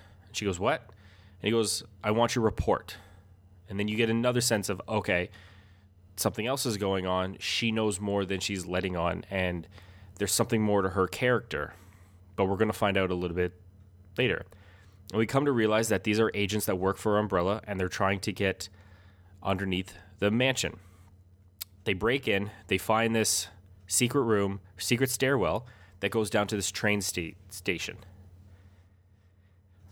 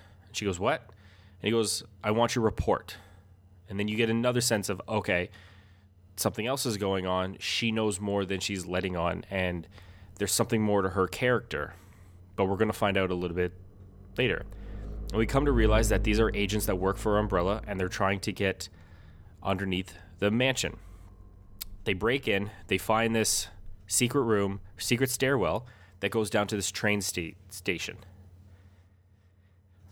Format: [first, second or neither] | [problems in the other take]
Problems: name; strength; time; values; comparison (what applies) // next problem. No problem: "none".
first | low rumble; noticeable; from 9 to 26 s; 20 dB below the speech